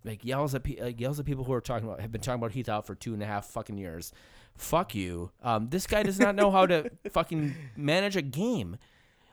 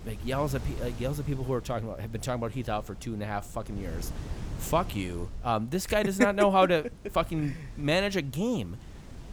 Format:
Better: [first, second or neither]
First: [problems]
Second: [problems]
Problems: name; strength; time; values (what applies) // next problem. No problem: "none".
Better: first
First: none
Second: wind noise on the microphone; occasional gusts; 20 dB below the speech